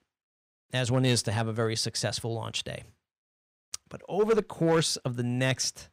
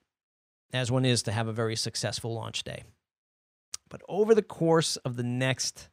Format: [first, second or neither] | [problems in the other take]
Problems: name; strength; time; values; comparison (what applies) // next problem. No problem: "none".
second | distortion; slight; 1.9% of the sound clipped